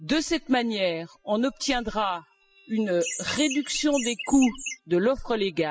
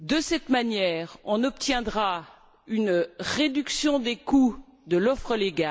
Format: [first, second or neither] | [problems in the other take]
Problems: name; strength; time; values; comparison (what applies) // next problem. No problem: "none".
second | noise reduction (classical method spectral subtraction)